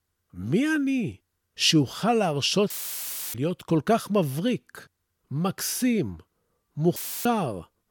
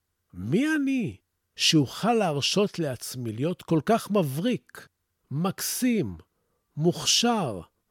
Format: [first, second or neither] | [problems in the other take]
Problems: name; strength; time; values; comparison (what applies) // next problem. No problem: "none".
second | audio cutting out; filled with static; at 2.5 s for 0.5 s and at 7 s